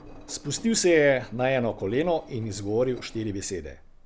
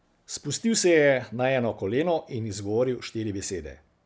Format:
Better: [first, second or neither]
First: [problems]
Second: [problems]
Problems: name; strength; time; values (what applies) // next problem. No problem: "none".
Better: second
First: background sound (Engine); 19 dB below the speech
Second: none